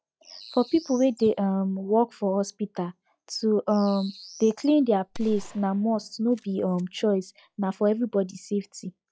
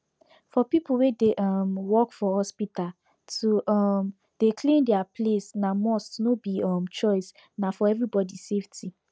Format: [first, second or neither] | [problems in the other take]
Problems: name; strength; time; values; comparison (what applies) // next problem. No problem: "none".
second | noise reduction (classical method log-MMSE)